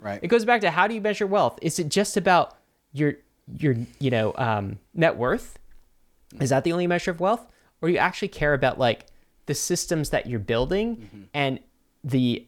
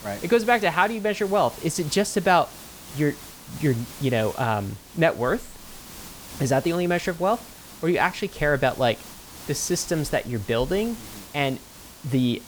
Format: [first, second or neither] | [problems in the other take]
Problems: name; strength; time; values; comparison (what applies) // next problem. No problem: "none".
first | hiss; noticeable; throughout; 15 dB below the speech